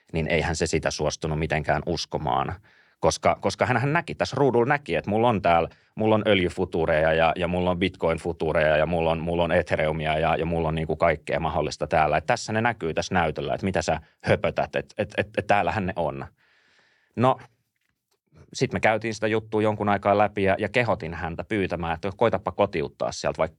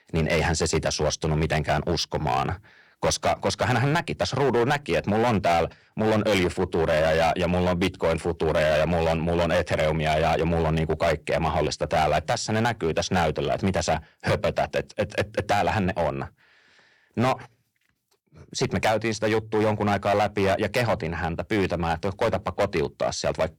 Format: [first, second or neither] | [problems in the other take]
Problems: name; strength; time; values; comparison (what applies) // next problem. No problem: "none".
first | distortion; heavy; 11% of the sound clipped